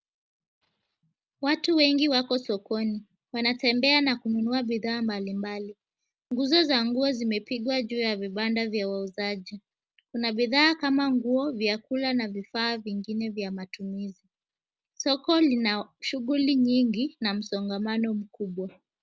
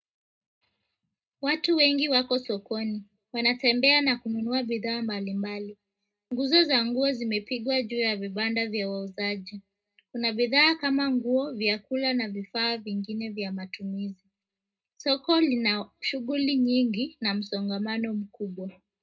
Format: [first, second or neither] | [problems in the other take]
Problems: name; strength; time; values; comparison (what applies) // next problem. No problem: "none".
first | room echo; dies away in 0.2 s